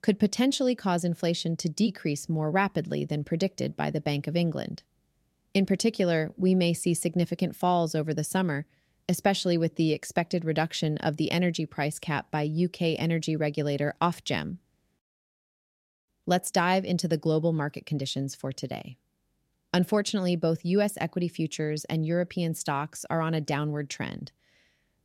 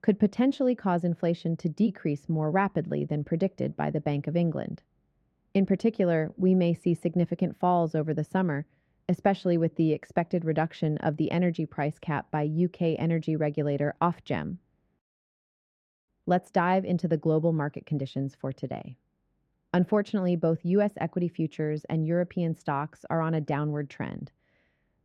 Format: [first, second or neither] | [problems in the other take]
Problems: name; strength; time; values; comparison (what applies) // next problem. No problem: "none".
first | muffled; very; fading above 3.5 kHz